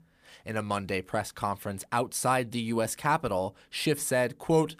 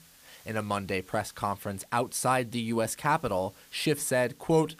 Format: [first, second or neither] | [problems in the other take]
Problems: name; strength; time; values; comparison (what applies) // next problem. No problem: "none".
first | hiss; faint; throughout; 25 dB below the speech